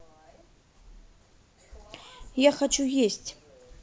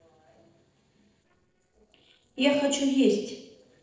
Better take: first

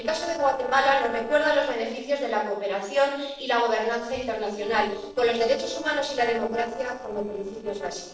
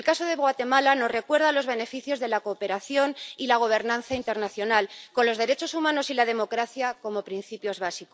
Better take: second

